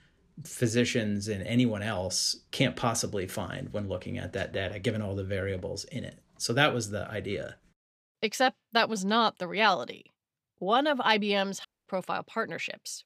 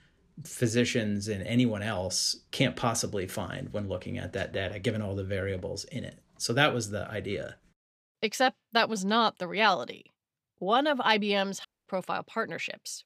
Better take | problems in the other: neither | audio cutting out; at 12 s; the same in both

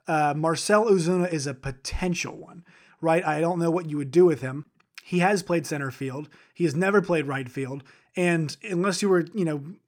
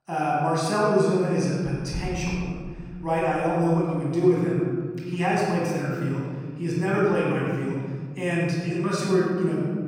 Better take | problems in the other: first | off-mic speech; far // room echo; strong; dies away in 2.8 s

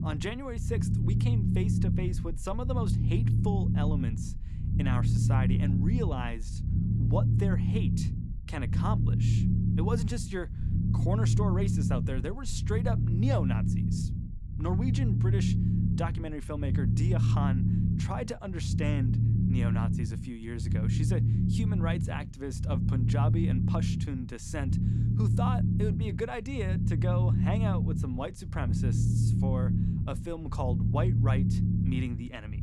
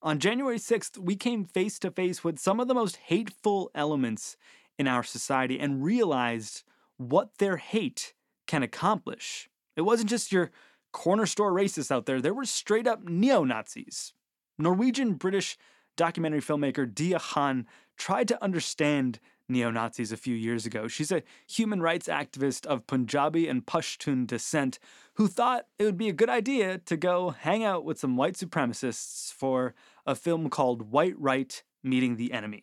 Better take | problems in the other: second | low rumble; loud; throughout; 1 dB below the speech

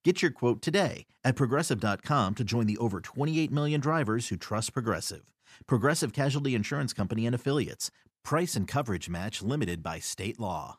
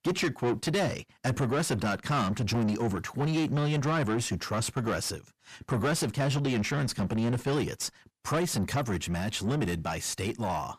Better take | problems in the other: first | distortion; heavy; 7 dB below the speech

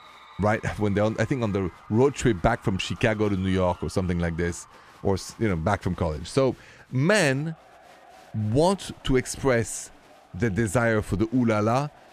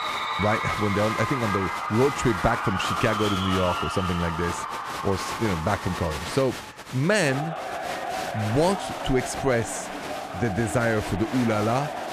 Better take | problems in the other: first | crowd noise; loud; throughout; 4 dB below the speech; faint in the first

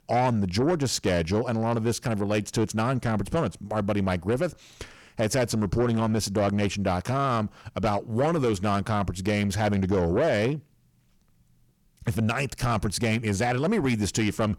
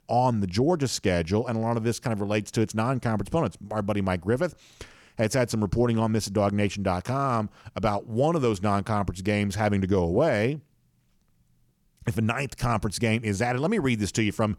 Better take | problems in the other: second | distortion; slight; 10 dB below the speech

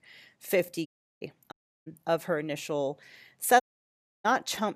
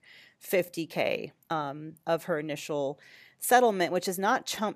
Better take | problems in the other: second | audio cutting out; at 1 s, at 1.5 s and at 3.5 s for 0.5 s

